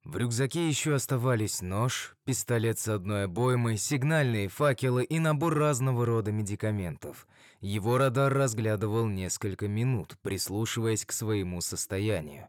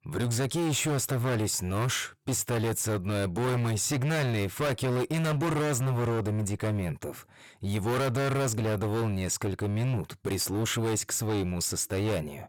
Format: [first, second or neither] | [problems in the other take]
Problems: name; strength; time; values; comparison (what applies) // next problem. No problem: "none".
first | distortion; heavy; 28% of the sound clipped